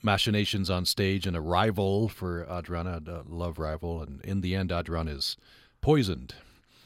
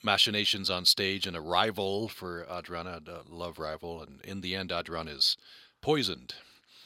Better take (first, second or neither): first